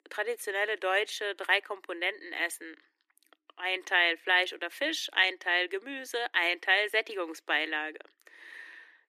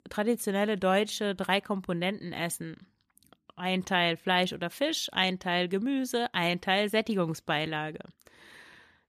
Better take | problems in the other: second | thin; very; fading below 300 Hz

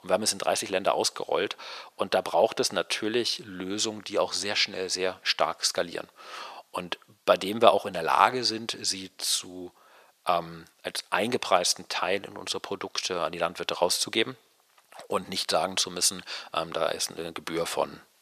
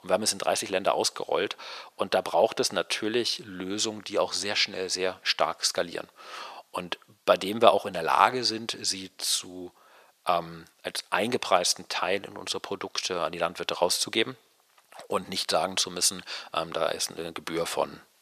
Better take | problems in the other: neither | thin; very; fading below 600 Hz; the same in both

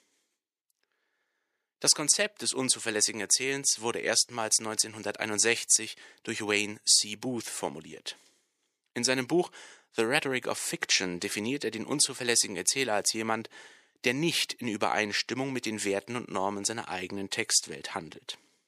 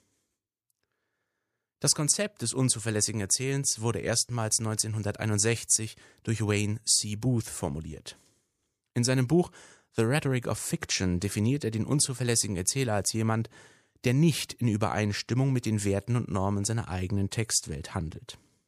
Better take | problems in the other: second | thin; somewhat; fading below 350 Hz

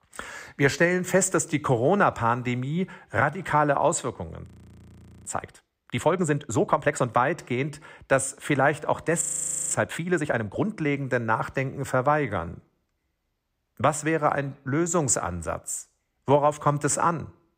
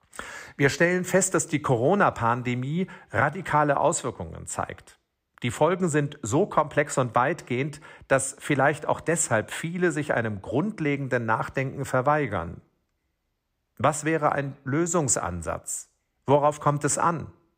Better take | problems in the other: second | audio freezing; at 4.5 s for 1 s and at 9 s for 0.5 s

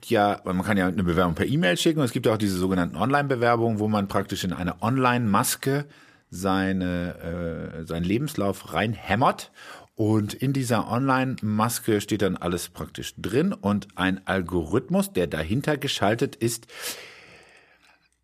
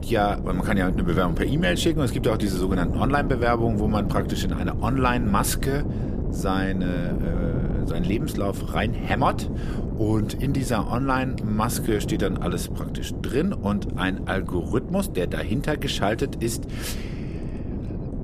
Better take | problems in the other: first | wind noise on the microphone; heavy; 10 dB below the speech

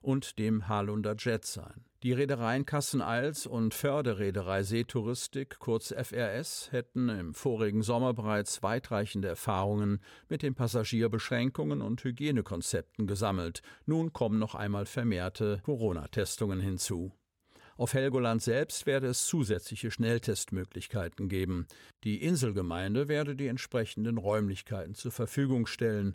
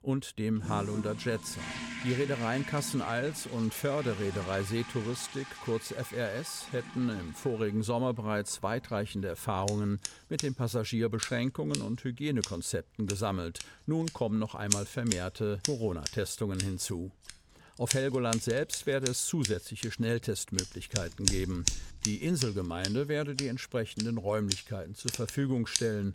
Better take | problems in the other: first | household noises; loud; throughout; 4 dB below the speech

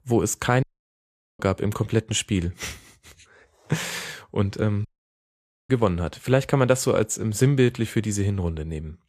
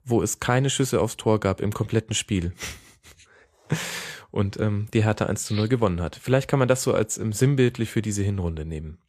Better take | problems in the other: second | audio cutting out; at 0.5 s for 1 s and at 5 s for 1 s

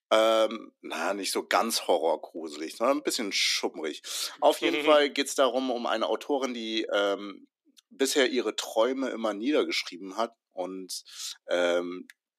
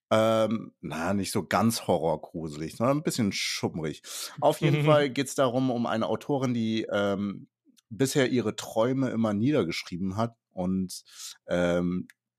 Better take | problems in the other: second | thin; somewhat; fading below 300 Hz

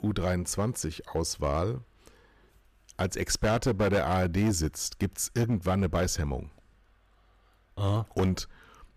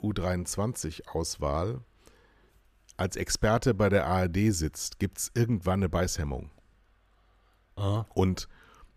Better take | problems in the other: second | distortion; slight; 5% of the sound clipped

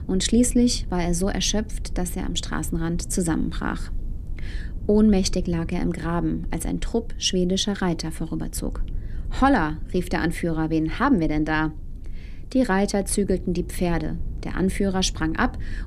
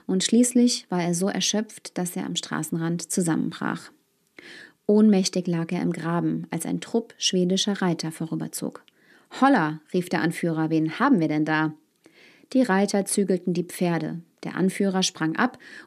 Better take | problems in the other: second | low rumble; faint; throughout; 25 dB below the speech

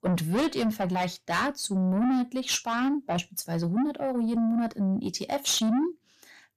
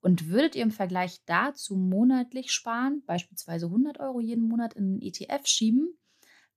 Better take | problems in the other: second | distortion; heavy; 8 dB below the speech

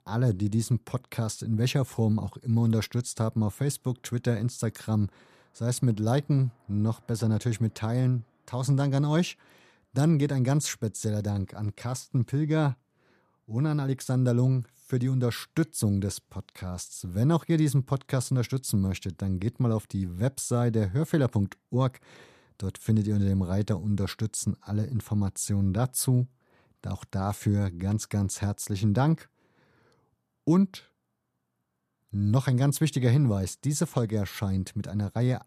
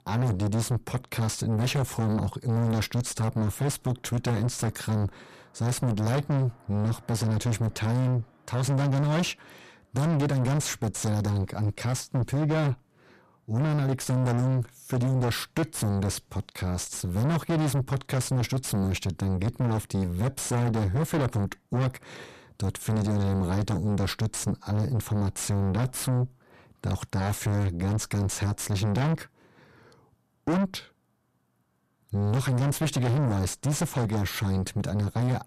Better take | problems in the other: first | distortion; heavy; 5 dB below the speech

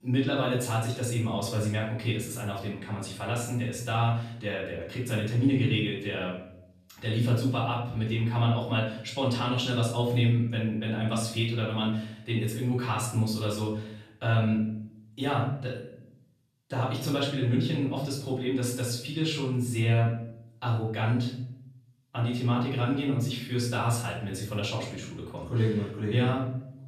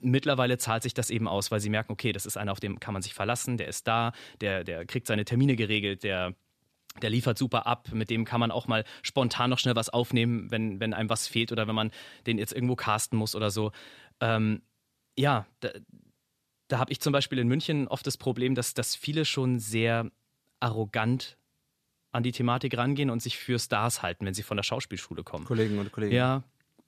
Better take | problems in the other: second | off-mic speech; far // room echo; noticeable; dies away in 0.7 s

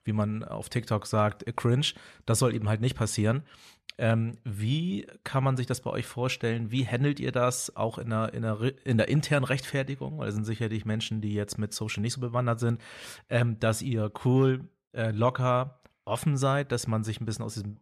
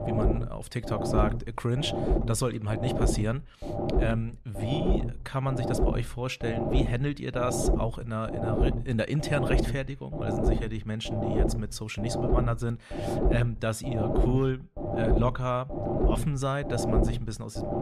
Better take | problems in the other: first | low rumble; loud; throughout; as loud as the speech

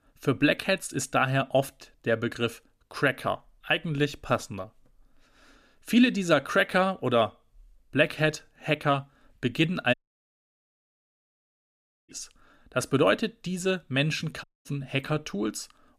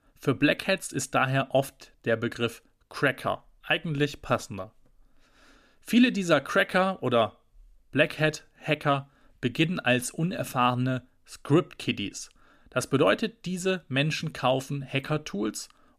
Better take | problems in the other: second | audio cutting out; at 10 s for 2 s and at 14 s

